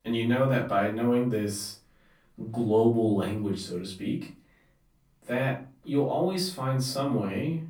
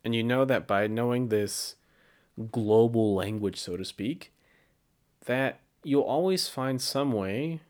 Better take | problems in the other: second | off-mic speech; far // room echo; slight; dies away in 0.3 s

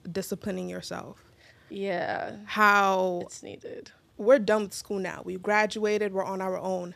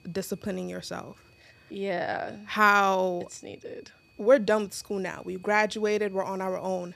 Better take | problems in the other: first | high-pitched whine; faint; throughout; 2.5 kHz, 35 dB below the speech

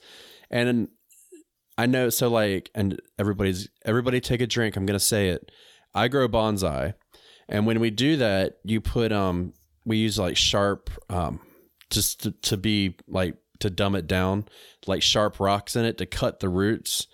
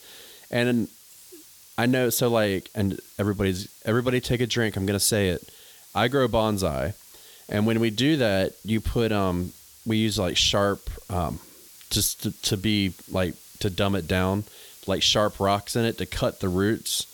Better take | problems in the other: first | hiss; faint; throughout; 20 dB below the speech

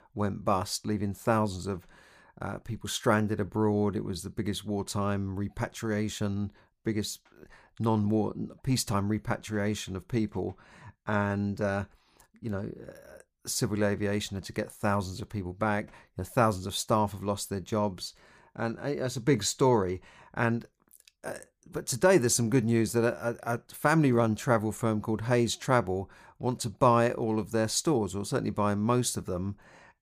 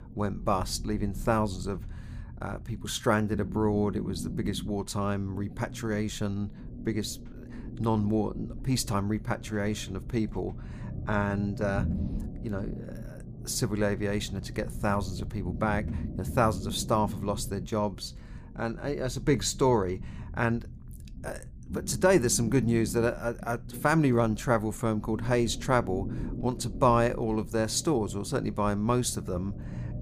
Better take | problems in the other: first | low rumble; noticeable; throughout; 20 dB below the speech

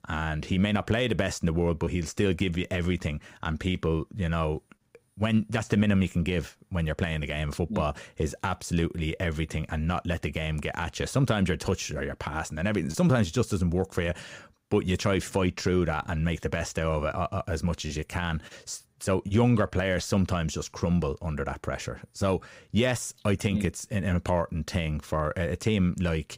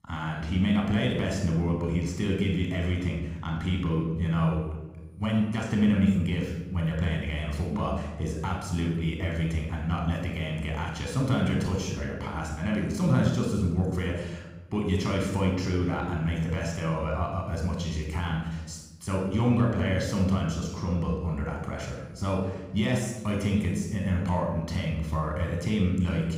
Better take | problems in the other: first | off-mic speech; somewhat distant // room echo; noticeable; dies away in 1 s

